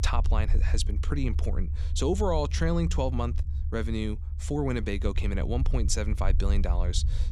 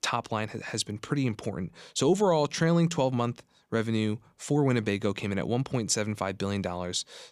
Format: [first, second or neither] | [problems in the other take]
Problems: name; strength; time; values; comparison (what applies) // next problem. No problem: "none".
second | low rumble; noticeable; throughout; 15 dB below the speech